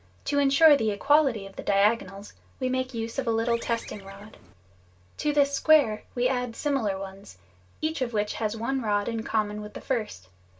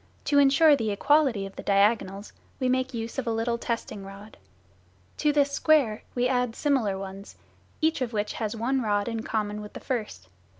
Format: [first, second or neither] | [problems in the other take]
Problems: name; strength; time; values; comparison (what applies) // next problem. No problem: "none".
second | background sound (Bird); 17 dB below the speech // room echo; dies away in 0.1 s